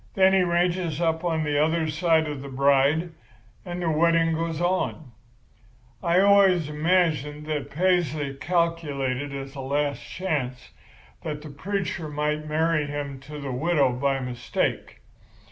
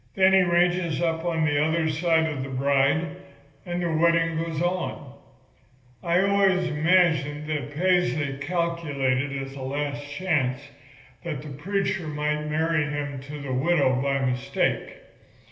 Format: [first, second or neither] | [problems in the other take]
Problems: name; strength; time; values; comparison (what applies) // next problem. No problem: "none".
first | room echo; dies away in 1.4 s